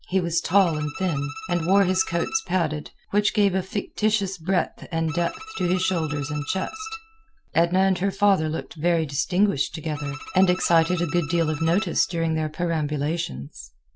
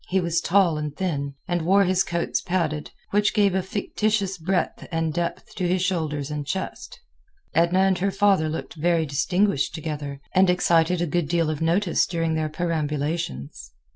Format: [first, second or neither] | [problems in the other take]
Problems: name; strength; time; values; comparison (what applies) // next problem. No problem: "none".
second | background sound (Bowed string instrument); 14 dB below the speech